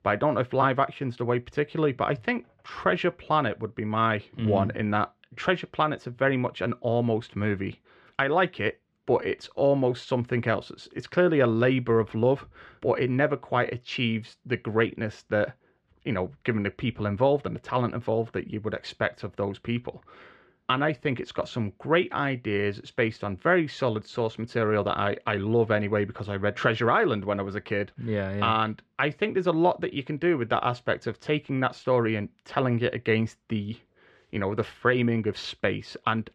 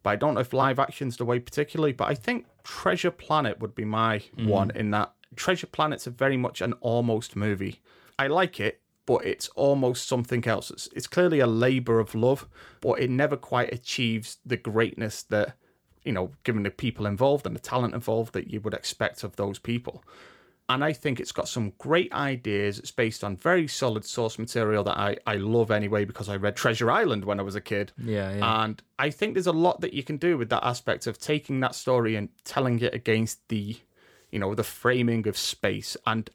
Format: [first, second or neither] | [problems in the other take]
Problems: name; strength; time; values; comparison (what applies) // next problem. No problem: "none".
second | muffled; slightly; fading above 2.5 kHz